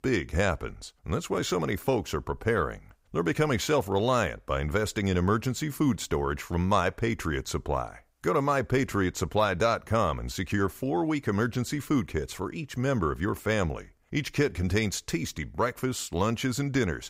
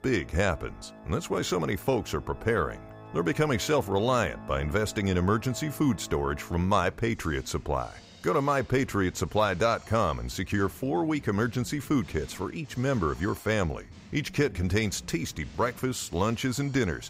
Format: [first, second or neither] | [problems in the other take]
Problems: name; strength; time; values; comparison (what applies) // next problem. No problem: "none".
first | background music; noticeable; throughout; 20 dB below the speech